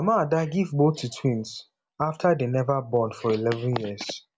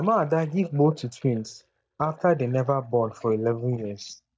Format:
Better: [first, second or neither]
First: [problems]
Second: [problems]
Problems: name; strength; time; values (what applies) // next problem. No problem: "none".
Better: first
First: none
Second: noise reduction (neural mask model DeepFilterNet 3)